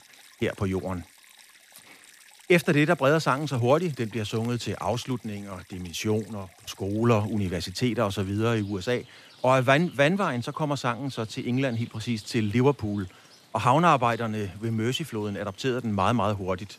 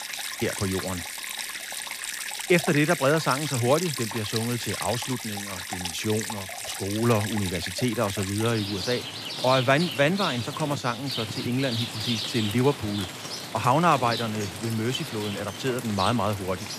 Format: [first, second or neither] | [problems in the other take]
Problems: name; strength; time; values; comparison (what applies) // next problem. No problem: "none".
first | rain or running water; loud; throughout; 5 dB below the speech; faint in the first